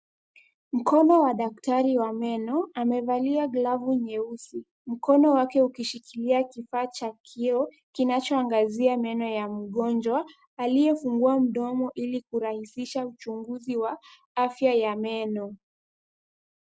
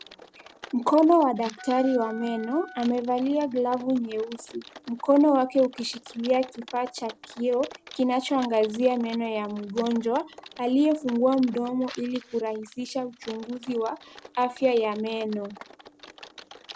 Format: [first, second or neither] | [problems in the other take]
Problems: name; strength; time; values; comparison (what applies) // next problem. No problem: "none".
first | background sound (Typing + Wind instrument, woodwind instrument); 20 dB below the speech